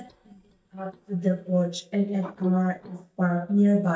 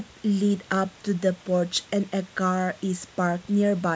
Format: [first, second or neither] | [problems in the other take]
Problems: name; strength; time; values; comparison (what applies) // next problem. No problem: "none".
second | noise reduction (neural mask model DeepFilterNet 3)